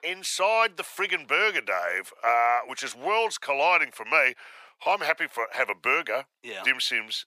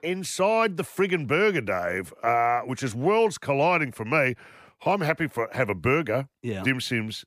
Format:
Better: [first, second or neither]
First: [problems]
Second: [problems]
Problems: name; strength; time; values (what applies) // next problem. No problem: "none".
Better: second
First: thin; very; fading below 750 Hz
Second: none